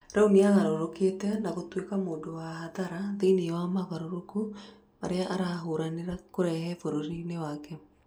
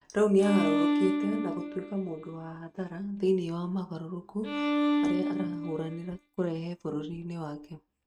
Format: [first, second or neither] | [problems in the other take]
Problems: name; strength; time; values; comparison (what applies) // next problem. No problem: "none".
first | noise reduction (neural mask model RNNoise)